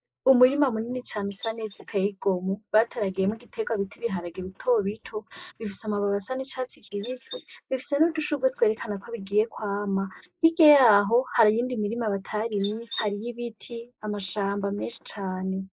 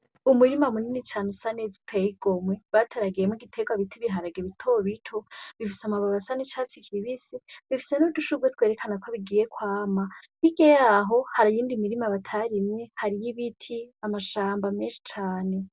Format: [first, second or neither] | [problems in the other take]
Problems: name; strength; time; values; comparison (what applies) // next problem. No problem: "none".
second | noise reduction (neural mask model Resemble Enhance denoiser)